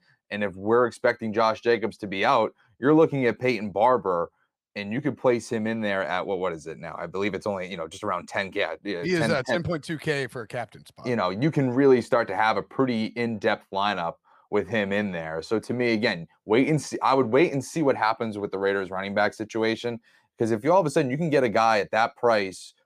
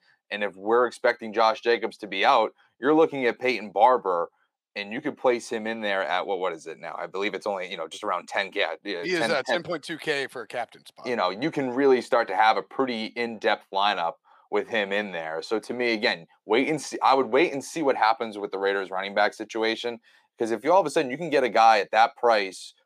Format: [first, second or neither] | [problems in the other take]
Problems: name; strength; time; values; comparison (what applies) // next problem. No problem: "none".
first | thin; very slightly; fading below 300 Hz